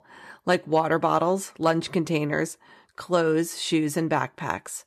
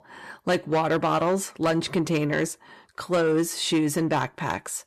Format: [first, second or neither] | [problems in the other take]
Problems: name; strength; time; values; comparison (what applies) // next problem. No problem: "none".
first | distortion; slight; 10 dB below the speech